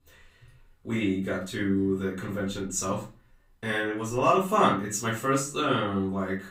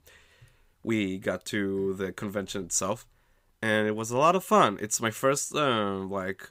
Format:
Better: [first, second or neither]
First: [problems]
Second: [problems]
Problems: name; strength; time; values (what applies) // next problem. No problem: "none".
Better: second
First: room echo; slight; dies away in 0.3 s // off-mic speech; far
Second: none